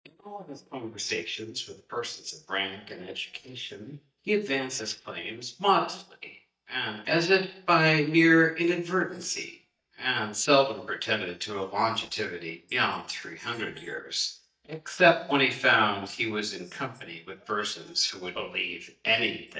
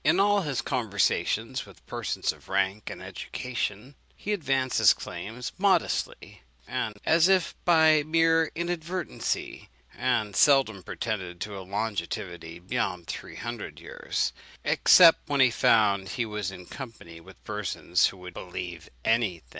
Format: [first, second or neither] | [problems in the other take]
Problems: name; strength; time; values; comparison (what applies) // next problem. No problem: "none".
second | noise reduction (neural mask model DeepFilterNet 3)